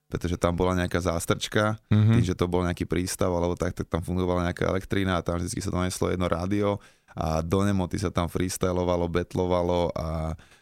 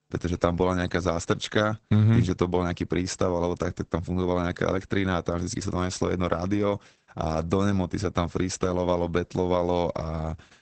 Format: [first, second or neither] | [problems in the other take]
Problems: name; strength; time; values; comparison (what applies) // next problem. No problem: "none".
first | garbled, watery; badly; nothing above 8 kHz